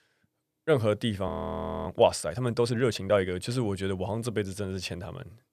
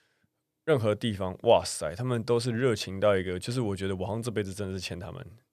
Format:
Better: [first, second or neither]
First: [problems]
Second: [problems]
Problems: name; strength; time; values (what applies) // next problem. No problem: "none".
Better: second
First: audio freezing; at 1.5 s for 0.5 s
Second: none